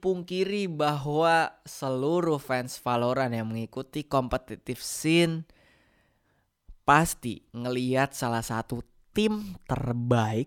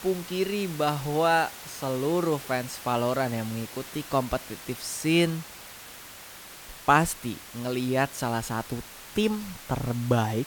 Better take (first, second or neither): first